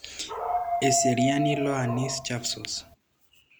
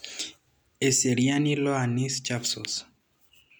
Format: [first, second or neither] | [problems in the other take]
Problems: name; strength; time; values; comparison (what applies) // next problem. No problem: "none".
second | background sound (Dog); 1 dB below the speech